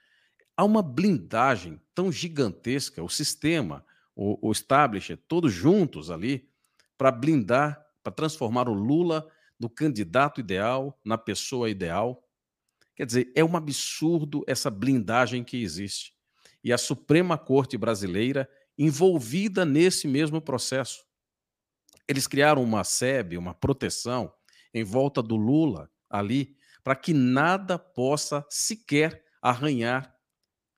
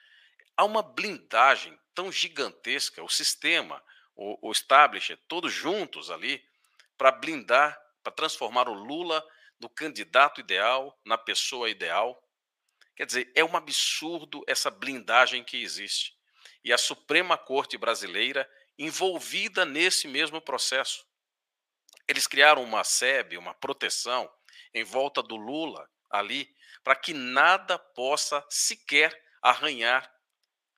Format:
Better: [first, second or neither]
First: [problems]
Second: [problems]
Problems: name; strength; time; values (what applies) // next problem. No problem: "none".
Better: first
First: none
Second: thin; very; fading below 700 Hz